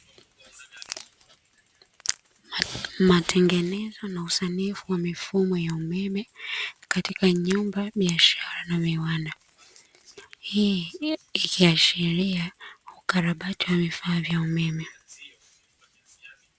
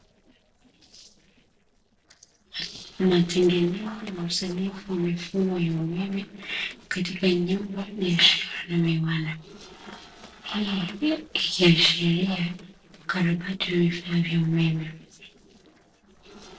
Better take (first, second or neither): first